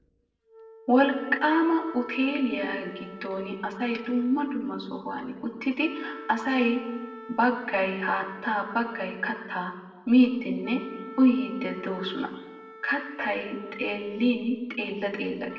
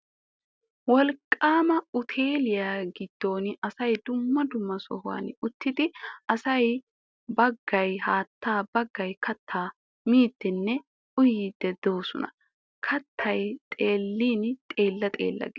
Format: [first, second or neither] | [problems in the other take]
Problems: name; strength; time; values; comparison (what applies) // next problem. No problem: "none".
second | background sound (Wind instrument, woodwind instrument); 17 dB below the speech // room echo; dies away in 1 s